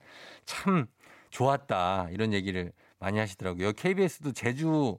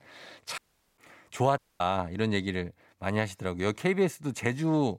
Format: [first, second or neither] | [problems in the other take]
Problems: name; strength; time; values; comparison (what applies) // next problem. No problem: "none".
first | audio cutting out; at 0.5 s and at 1.5 s